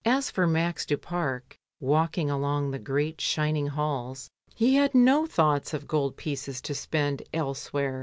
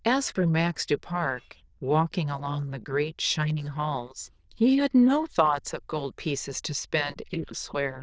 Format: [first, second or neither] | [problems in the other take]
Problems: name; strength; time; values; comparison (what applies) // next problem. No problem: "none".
first | noise reduction (neural diffusion model UNIVERSE++)